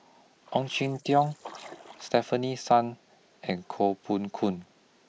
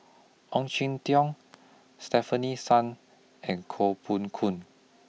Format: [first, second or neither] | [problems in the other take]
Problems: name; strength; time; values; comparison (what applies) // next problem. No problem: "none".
second | noise reduction (neural mask model Resemble Enhance denoiser)